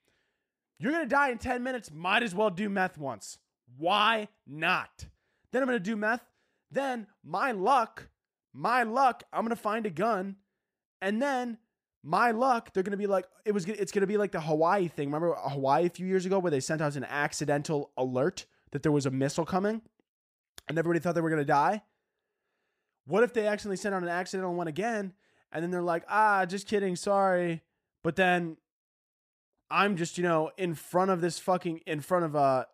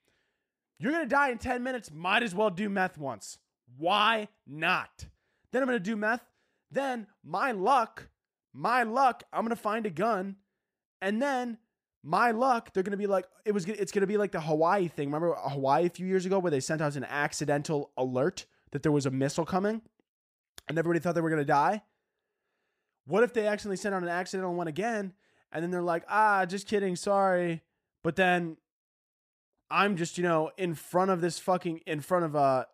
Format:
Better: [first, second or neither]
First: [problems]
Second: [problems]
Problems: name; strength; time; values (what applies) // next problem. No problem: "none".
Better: neither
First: none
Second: none